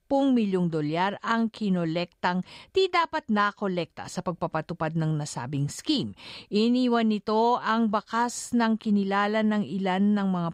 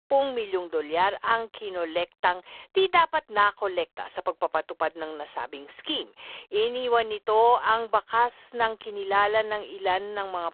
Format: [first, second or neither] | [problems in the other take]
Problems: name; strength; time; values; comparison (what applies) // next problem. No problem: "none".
first | phone-call audio; poor line